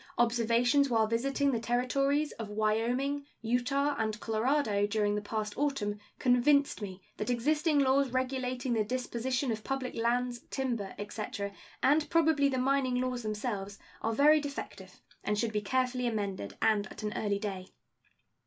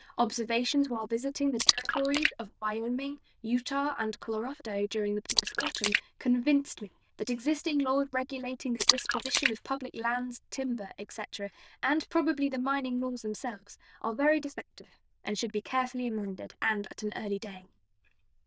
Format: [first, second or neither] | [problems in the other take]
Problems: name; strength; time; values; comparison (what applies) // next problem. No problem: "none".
first | noise reduction (neural diffusion model UNIVERSE++)